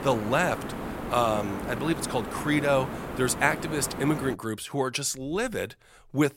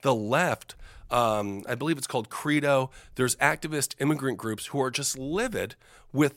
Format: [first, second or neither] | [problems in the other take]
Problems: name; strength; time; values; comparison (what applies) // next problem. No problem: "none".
second | hiss; loud; until 4.5 s; 7 dB below the speech